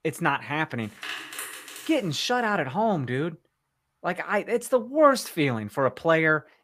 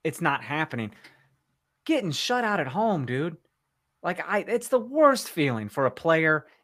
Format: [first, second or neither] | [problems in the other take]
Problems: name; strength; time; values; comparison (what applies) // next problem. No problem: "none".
second | household noises; noticeable; until 1.5 s; 10 dB below the speech